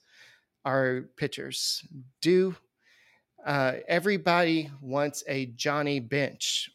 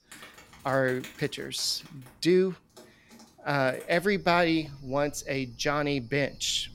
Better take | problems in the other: first | animal sounds; faint; throughout; 25 dB below the speech

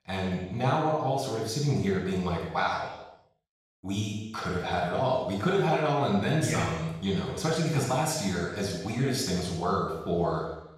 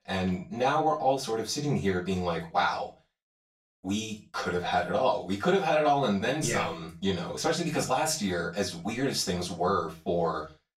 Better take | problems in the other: second | room echo; strong; dies away in 0.9 s; slight in the second // off-mic speech; far; far in the second

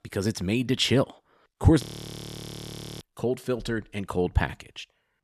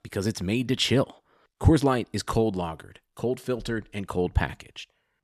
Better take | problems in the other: second | audio freezing; at 2 s for 1 s

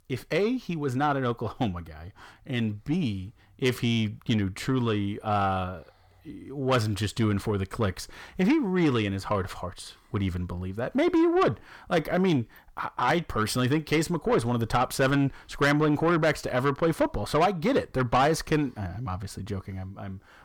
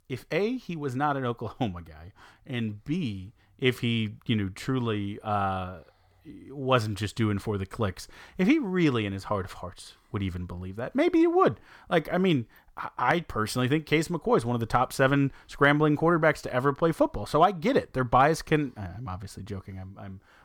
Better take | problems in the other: second | distortion; slight; 10 dB below the speech

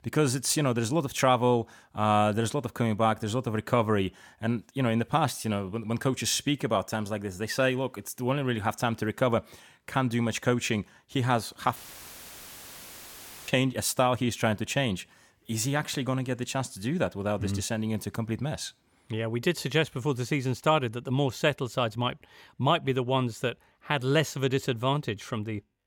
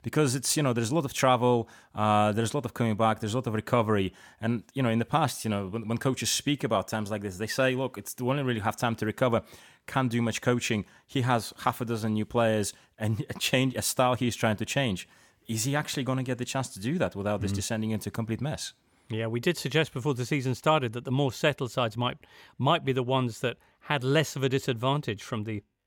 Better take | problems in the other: second | audio cutting out; filled with static; at 12 s for 1.5 s

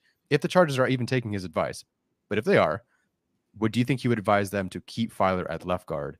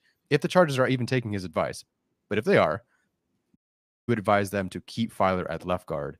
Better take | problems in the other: first | audio cutting out; at 3.5 s for 0.5 s

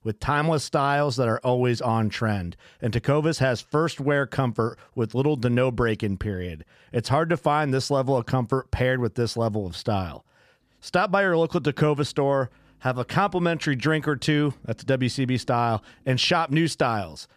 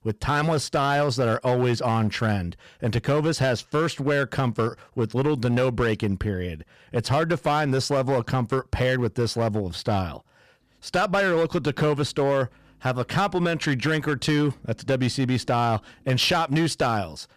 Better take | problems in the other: first | distortion; slight; 9% of the sound clipped

